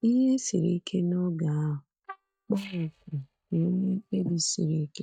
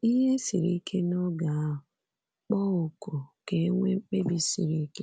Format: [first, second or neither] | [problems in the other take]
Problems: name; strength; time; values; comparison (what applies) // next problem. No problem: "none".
second | noise reduction (neural mask model DeepFilterNet 3)